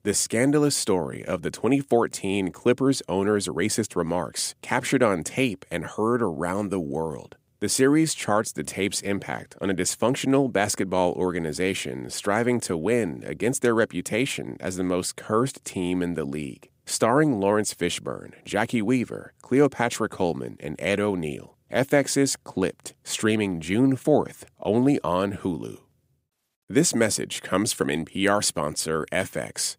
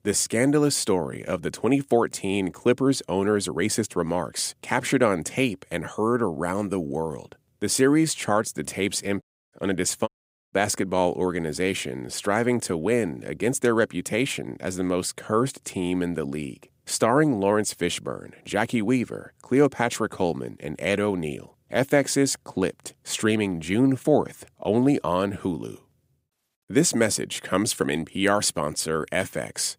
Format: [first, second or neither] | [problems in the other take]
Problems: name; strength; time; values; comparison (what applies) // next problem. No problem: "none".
first | audio cutting out; at 9 s and at 10 s